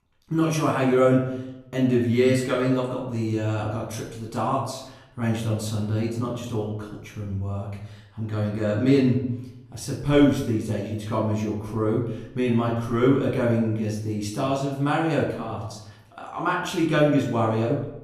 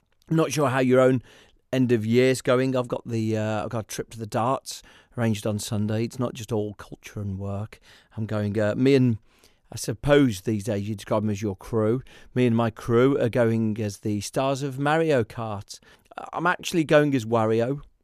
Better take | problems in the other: second | off-mic speech; far // room echo; noticeable; dies away in 0.7 s

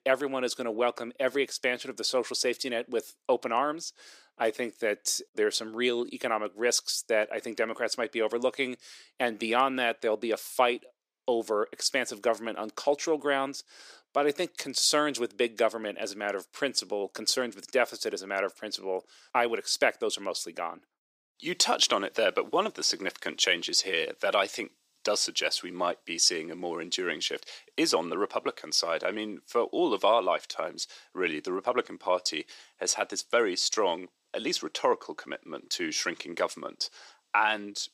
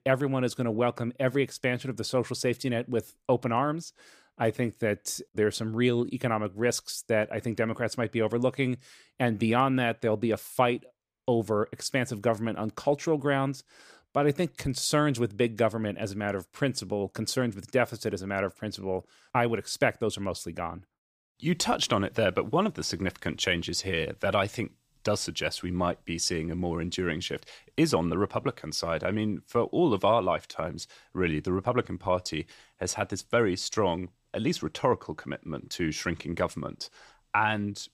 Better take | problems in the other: second | thin; somewhat; fading below 350 Hz

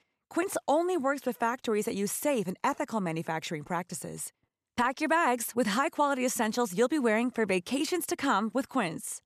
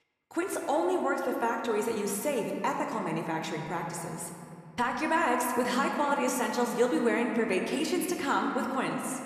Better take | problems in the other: first | room echo; slight; dies away in 2.2 s

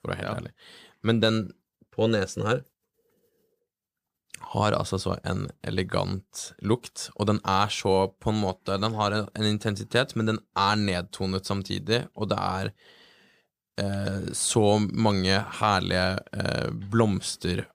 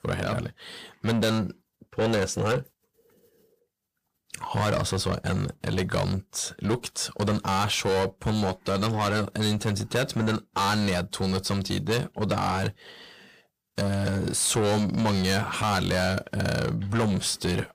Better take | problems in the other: first | distortion; heavy; 6 dB below the speech

